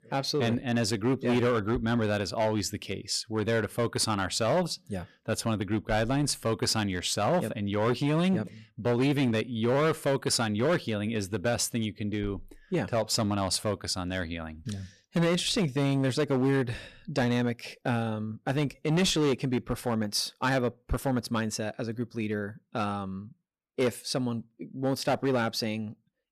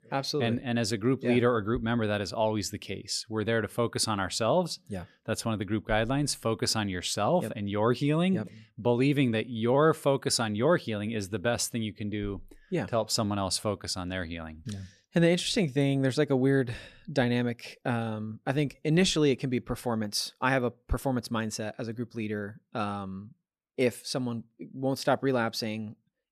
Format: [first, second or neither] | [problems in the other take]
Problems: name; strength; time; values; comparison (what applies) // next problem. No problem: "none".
second | distortion; slight; 7% of the sound clipped